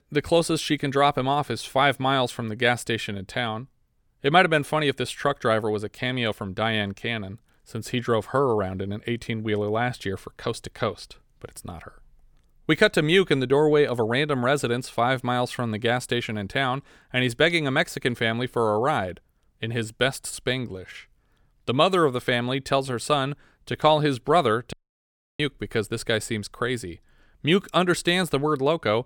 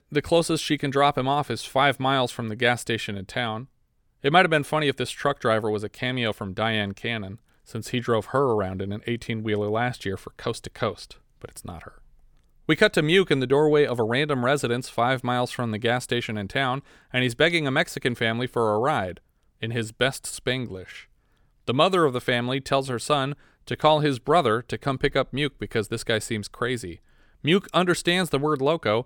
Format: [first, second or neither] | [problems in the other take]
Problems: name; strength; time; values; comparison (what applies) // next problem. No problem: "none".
second | audio cutting out; at 25 s for 0.5 s